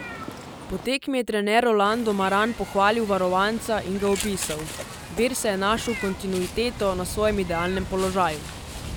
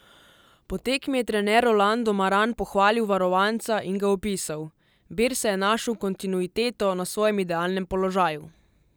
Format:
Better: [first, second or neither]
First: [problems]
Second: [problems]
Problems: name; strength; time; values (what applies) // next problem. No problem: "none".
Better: second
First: background sound (Meow); 11 dB below the speech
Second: none